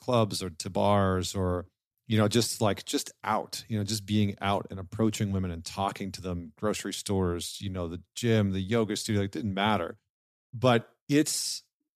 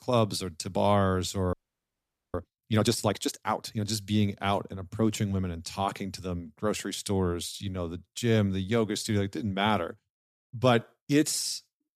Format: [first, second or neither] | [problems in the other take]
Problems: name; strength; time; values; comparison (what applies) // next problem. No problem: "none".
first | audio freezing; at 1.5 s for 1 s